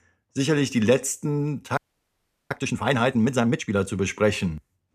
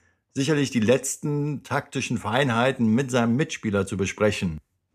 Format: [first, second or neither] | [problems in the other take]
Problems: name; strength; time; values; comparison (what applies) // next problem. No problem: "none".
second | audio freezing; at 2 s for 0.5 s